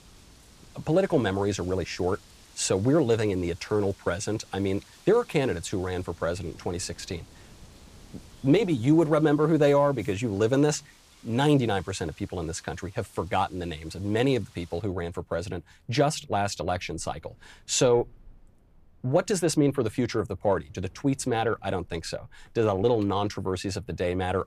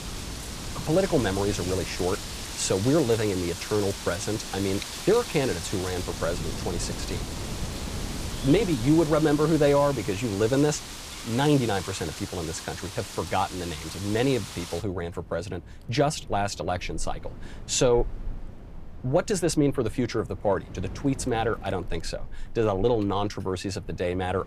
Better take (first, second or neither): first